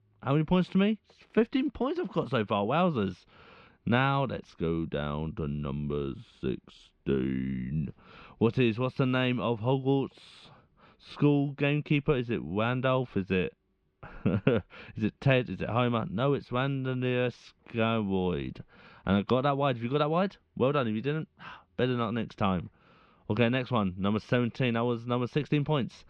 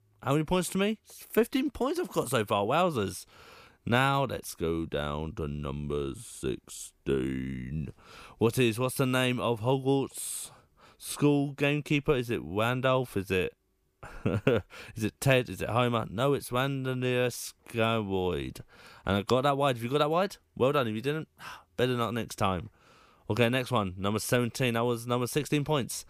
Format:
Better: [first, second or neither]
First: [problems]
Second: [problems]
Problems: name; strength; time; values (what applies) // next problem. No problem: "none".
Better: second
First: muffled; slightly; fading above 4 kHz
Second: none